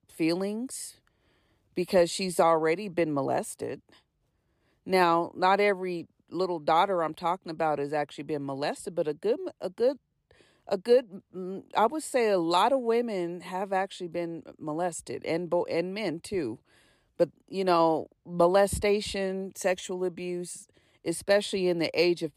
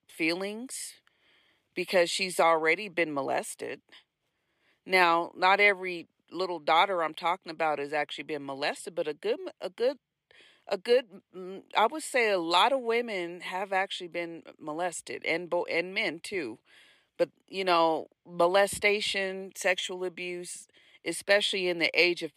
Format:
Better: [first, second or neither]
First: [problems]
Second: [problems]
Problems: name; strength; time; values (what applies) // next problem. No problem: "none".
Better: first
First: none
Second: thin; very slightly; fading below 400 Hz